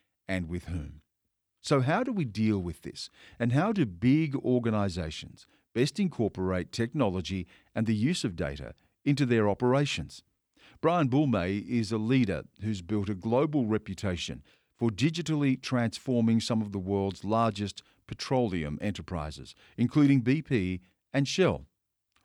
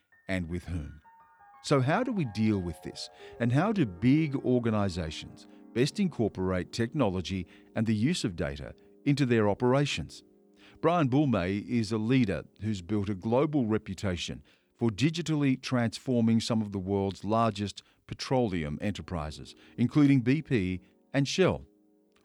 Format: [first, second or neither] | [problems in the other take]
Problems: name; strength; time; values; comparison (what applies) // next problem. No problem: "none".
first | background music; faint; throughout; 30 dB below the speech